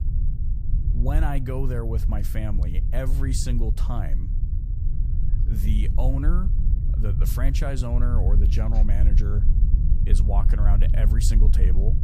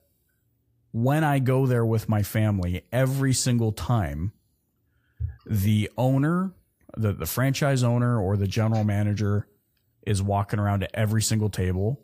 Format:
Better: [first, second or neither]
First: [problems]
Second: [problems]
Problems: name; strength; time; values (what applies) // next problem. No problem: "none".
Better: second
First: low rumble; loud; throughout; 7 dB below the speech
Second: none